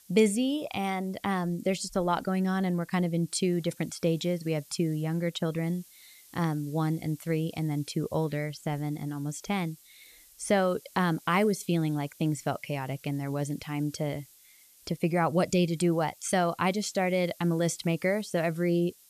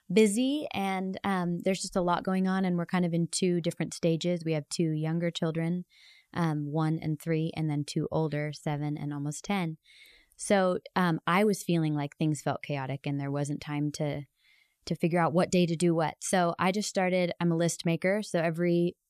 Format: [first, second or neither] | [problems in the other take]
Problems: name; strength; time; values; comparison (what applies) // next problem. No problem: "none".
second | hiss; faint; throughout; 25 dB below the speech